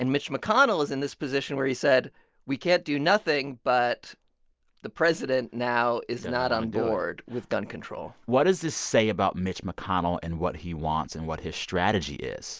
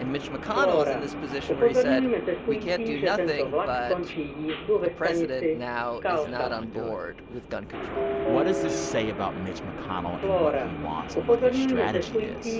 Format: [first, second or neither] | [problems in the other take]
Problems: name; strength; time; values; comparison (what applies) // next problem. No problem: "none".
first | background sound (Subway, metro, underground); 5 dB above the speech